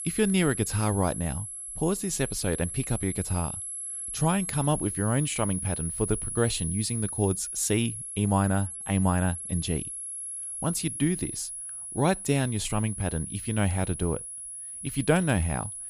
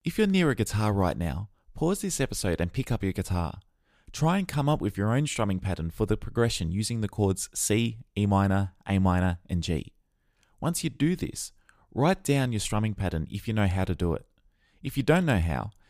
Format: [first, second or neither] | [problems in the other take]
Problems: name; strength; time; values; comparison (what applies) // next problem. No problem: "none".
second | high-pitched whine; loud; throughout; 11 kHz, 6 dB below the speech